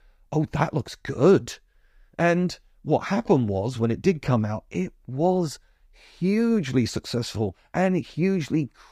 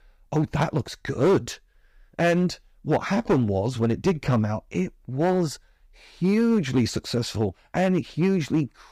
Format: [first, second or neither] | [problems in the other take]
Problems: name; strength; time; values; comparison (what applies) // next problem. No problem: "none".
first | distortion; slight; 4% of the sound clipped